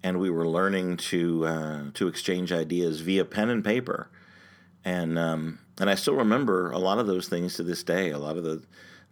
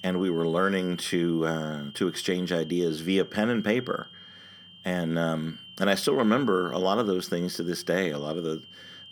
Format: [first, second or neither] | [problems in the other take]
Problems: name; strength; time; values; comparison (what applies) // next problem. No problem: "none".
first | high-pitched whine; noticeable; throughout; 3 kHz, 15 dB below the speech